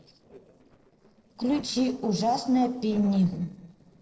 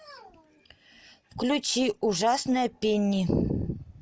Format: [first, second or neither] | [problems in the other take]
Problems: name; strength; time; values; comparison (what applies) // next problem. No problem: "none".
second | noise reduction (neural separator model SepFormer DNS4)